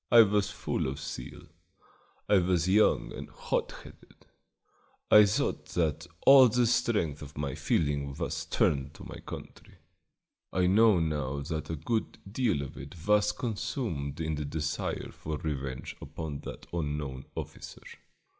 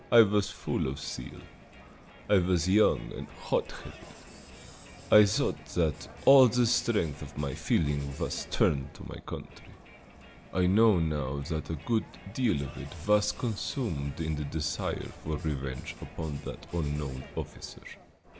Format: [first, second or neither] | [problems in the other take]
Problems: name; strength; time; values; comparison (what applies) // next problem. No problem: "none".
first | background sound (Crowd); 19 dB below the speech